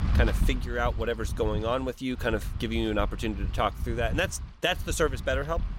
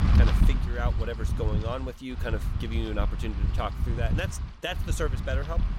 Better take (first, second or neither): first